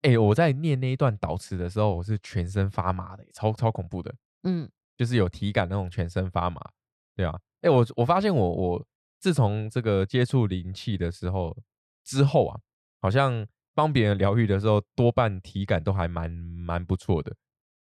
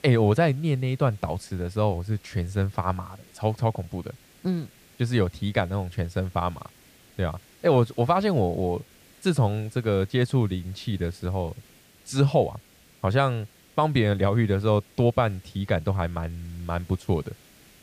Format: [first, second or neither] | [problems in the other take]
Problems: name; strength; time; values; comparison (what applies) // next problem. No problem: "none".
first | hiss; faint; throughout; 25 dB below the speech